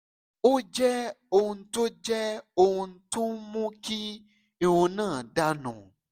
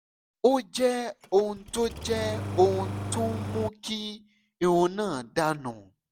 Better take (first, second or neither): first